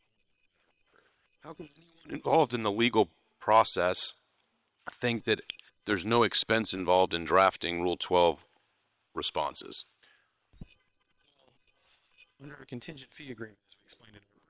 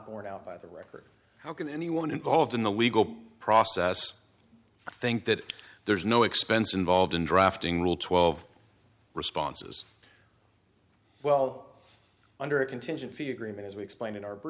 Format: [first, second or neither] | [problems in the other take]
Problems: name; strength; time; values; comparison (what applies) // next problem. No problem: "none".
second | noise reduction (neural separator model SepFormer WHAM!)